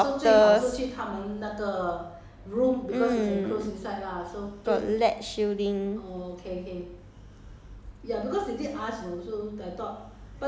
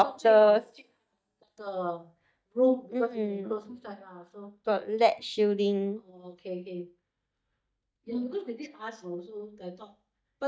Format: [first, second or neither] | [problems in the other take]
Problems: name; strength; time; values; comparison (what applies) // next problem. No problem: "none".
first | noise reduction (neural mask model DeepFilterNet 3)